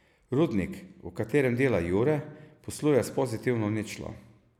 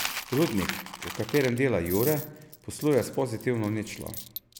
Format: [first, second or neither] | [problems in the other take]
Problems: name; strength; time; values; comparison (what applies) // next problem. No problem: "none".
first | background sound (Coin (dropping)); 10 dB below the speech